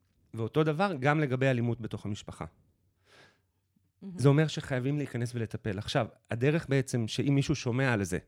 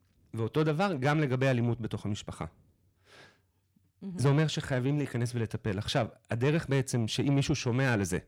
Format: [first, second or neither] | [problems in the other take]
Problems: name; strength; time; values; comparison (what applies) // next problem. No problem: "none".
first | distortion; slight; 10 dB below the speech